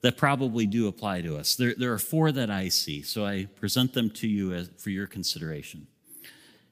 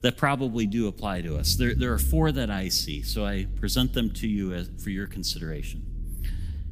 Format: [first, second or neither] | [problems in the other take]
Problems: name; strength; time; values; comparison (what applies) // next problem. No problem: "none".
first | low rumble; faint; throughout; 20 dB below the speech